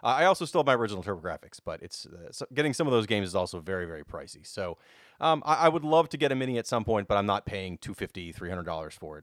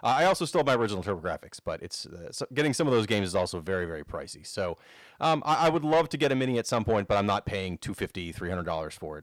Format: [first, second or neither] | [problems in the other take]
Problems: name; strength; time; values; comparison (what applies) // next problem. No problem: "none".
first | distortion; slight; 10 dB below the speech